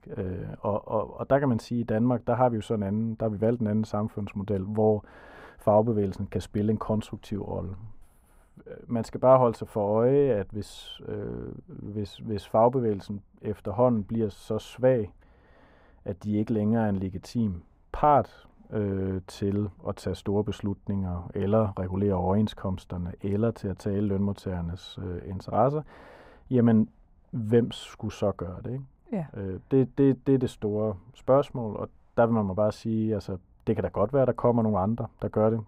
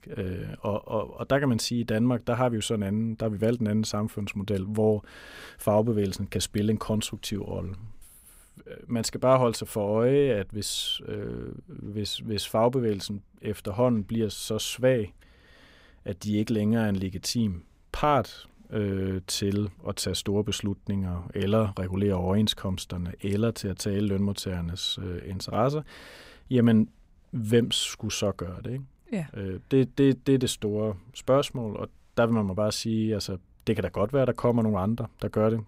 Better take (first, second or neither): second